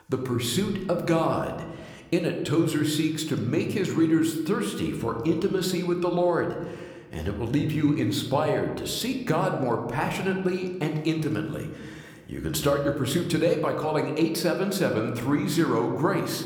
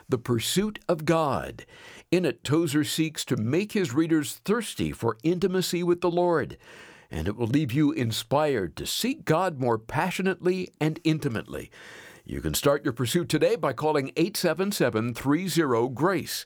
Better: second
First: room echo; slight; dies away in 1.1 s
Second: none

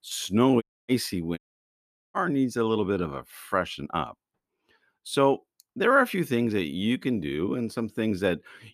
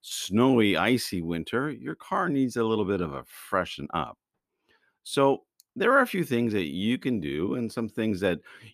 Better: second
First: audio cutting out; at 0.5 s and at 1.5 s for 1 s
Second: none

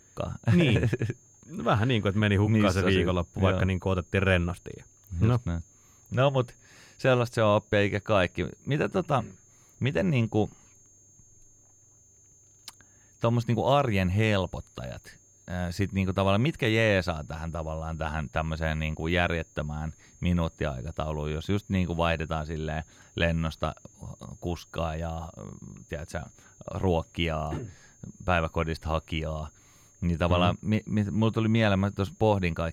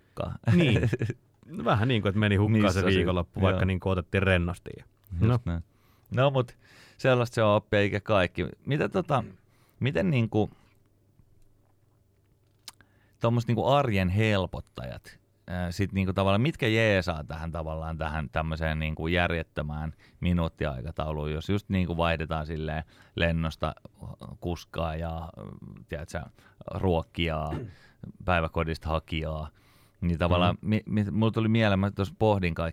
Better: second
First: high-pitched whine; faint; throughout; 6.5 kHz, 30 dB below the speech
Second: none

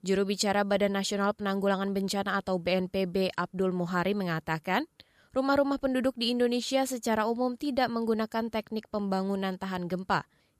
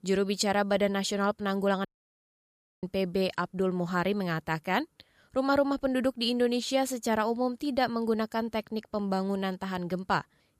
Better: first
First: none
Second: audio cutting out; at 2 s for 1 s

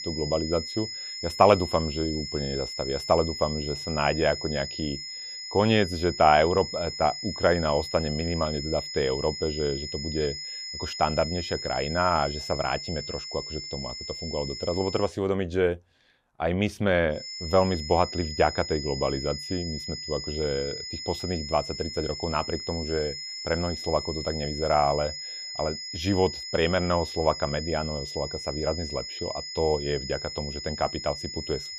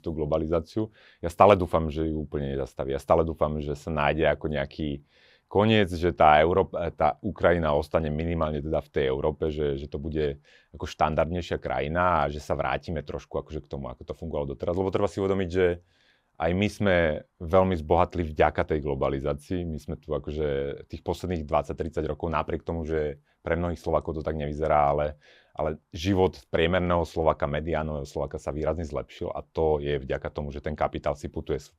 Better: second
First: high-pitched whine; loud; until 15 s and from 17 s on; 5 kHz, 7 dB below the speech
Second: none

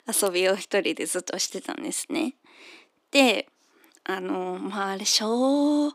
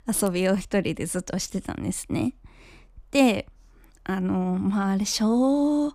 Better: second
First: thin; very slightly; fading below 300 Hz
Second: none

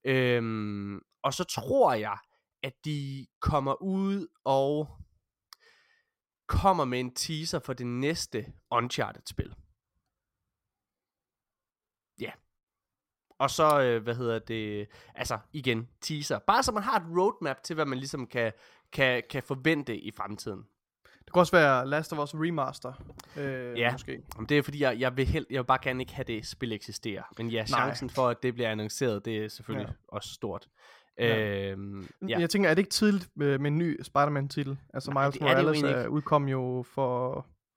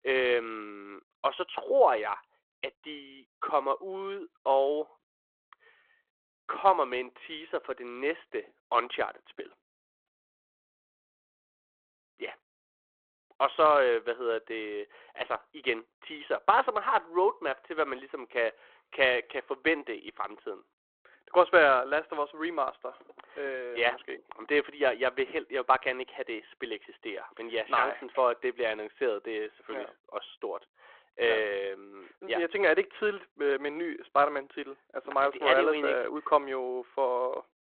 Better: first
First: none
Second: phone-call audio

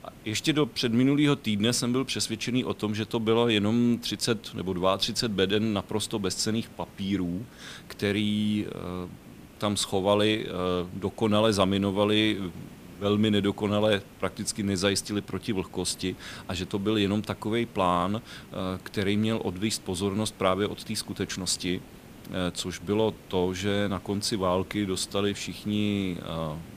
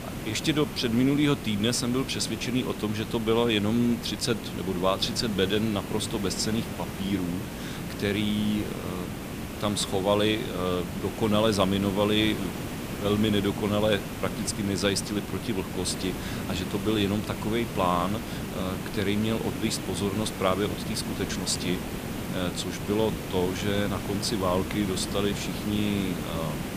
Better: first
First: hiss; faint; throughout; 20 dB below the speech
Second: hiss; loud; throughout; 7 dB below the speech

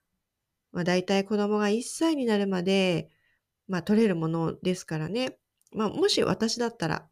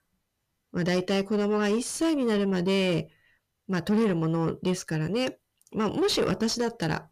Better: first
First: none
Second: distortion; slight; 10 dB below the speech

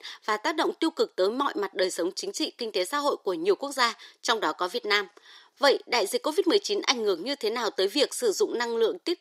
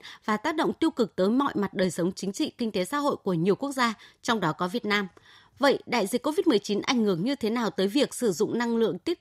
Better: second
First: thin; somewhat; fading below 350 Hz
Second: none

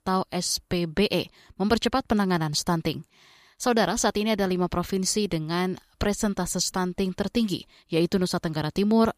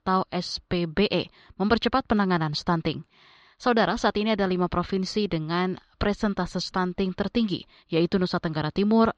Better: first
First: none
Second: muffled; very slightly; fading above 4 kHz

